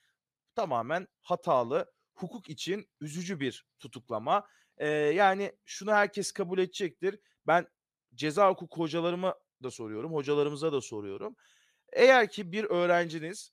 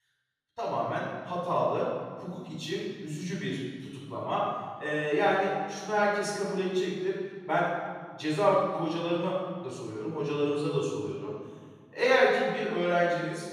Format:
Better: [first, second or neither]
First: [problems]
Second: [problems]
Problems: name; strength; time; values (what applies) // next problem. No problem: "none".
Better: first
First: none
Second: room echo; strong; dies away in 1.7 s // off-mic speech; far